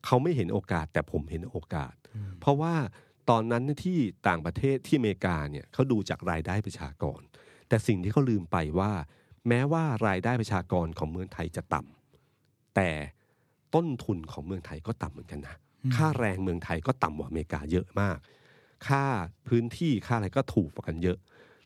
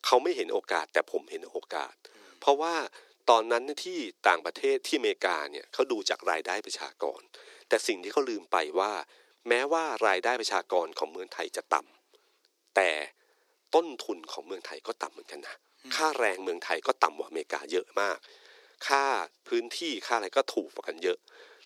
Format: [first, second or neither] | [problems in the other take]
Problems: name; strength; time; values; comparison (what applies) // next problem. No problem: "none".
first | thin; very; fading below 350 Hz